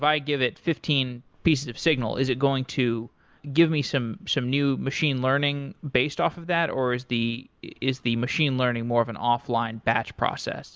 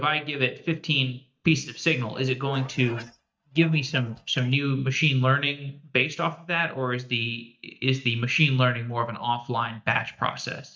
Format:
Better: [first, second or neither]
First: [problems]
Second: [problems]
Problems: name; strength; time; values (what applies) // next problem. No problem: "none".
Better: first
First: none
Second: noise reduction (neural mask model DeepFilterNet 3)